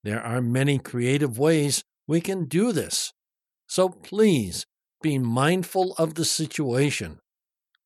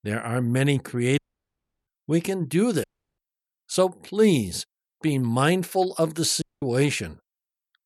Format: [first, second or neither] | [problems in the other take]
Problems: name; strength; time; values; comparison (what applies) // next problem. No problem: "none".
first | audio cutting out; at 1 s for 0.5 s, at 3 s and at 6.5 s